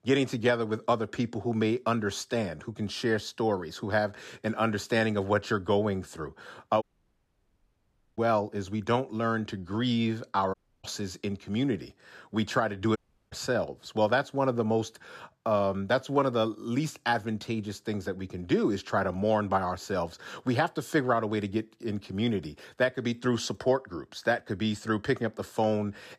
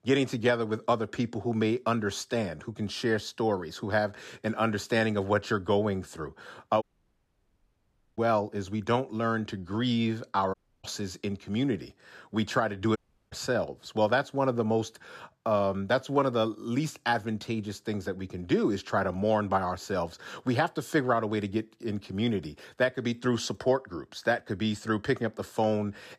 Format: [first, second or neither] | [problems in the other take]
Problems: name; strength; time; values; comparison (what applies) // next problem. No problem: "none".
neither | audio cutting out; at 7 s for 1.5 s, at 11 s and at 13 s; the same in both